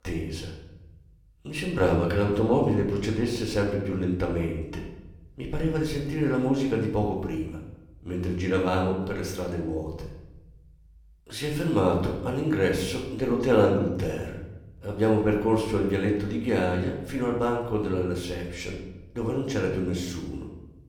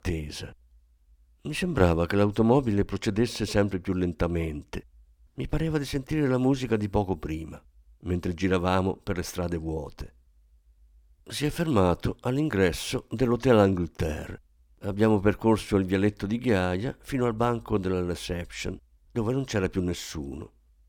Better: second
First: room echo; noticeable; dies away in 0.8 s // off-mic speech; somewhat distant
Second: none

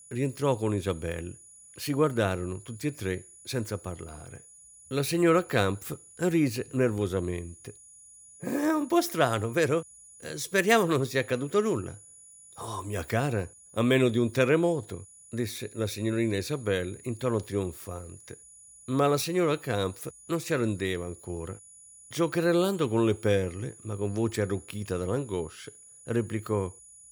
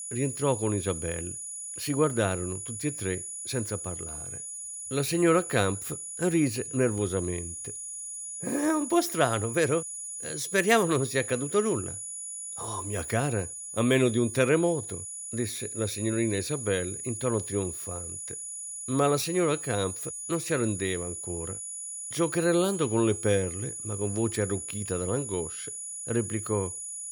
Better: first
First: high-pitched whine; faint; throughout; 10 kHz, 20 dB below the speech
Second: high-pitched whine; loud; throughout; 10 kHz, 6 dB below the speech

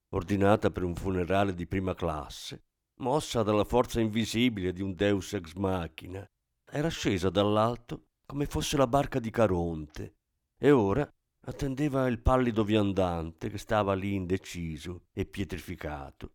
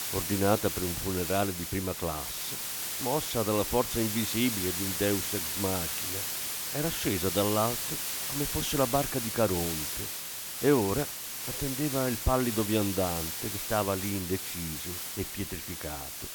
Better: first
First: none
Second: hiss; loud; throughout; 1 dB below the speech

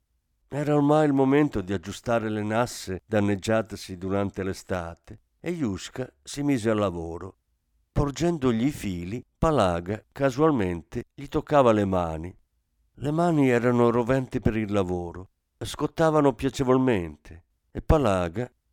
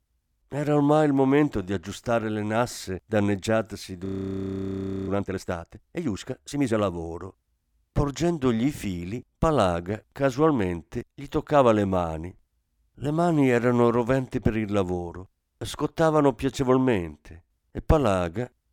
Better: first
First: none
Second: audio freezing; at 4 s for 1 s

